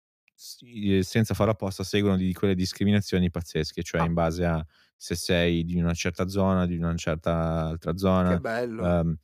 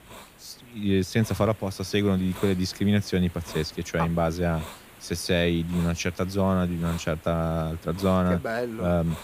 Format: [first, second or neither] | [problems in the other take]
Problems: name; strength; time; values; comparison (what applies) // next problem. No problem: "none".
first | hiss; noticeable; throughout; 20 dB below the speech